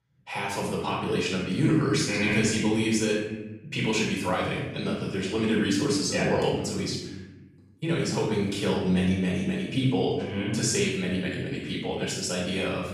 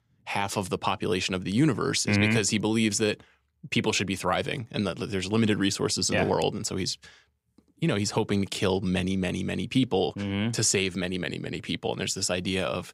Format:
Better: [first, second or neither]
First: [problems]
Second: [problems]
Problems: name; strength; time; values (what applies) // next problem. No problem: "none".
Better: second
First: off-mic speech; far // room echo; noticeable; dies away in 1 s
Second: none